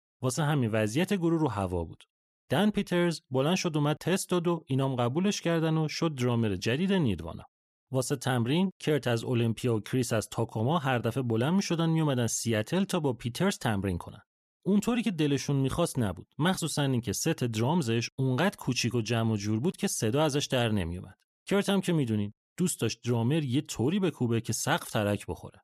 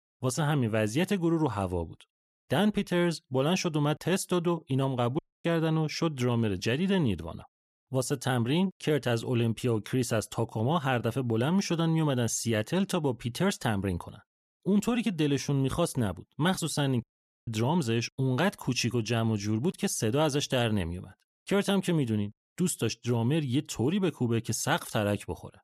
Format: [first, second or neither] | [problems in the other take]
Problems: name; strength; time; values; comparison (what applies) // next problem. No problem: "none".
first | audio cutting out; at 5 s and at 17 s